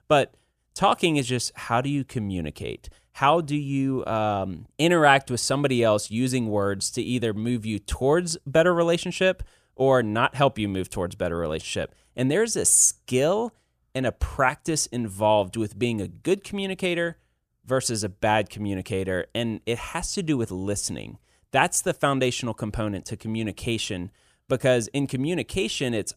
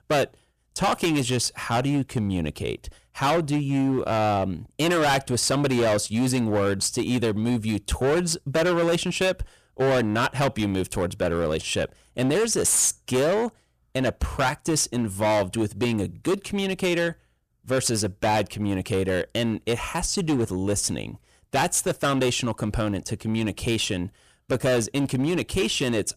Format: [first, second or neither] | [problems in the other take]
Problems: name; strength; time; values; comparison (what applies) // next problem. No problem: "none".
first | distortion; heavy; 15% of the sound clipped